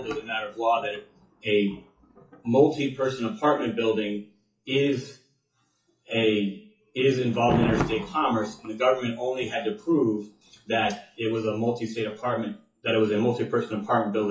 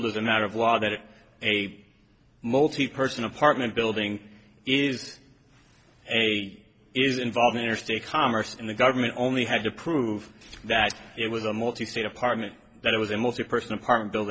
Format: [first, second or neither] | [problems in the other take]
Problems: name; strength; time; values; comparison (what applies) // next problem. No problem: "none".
second | noise reduction (classical method WPE with log-MMSE)